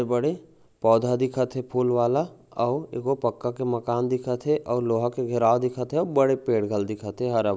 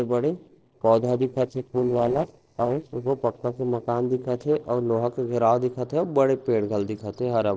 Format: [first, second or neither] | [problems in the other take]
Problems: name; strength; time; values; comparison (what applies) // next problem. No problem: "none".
first | noise reduction (neural separator model SepFormer DNS4)